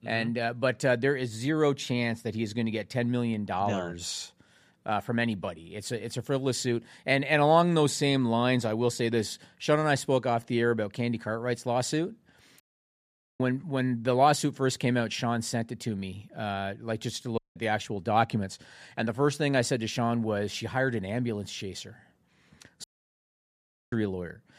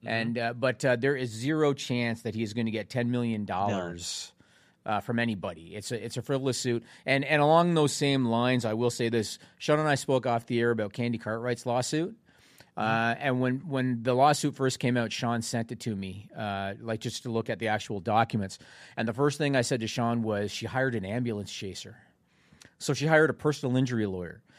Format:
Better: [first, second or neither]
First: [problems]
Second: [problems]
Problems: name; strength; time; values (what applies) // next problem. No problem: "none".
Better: second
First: audio cutting out; at 13 s for 1 s, at 17 s and at 23 s for 1 s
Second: none